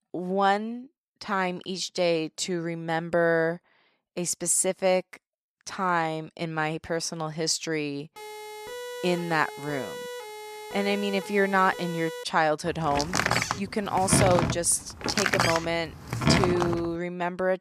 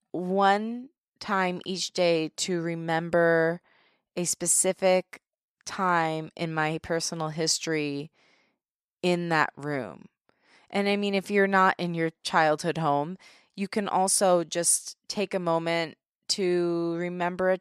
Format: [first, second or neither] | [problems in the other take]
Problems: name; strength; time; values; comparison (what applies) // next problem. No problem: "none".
second | siren; noticeable; from 8 to 12 s; peak 9 dB below the speech // door banging; loud; from 13 to 17 s; peak 3 dB above the speech